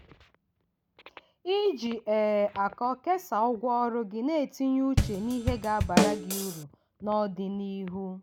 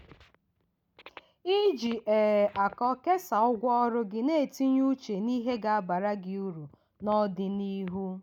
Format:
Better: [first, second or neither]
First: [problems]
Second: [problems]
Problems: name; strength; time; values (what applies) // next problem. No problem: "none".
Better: second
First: background sound (Drum kit); 2 dB above the speech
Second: none